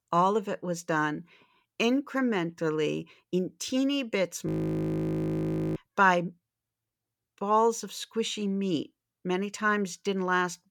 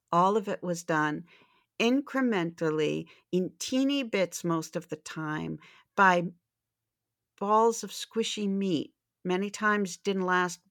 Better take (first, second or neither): second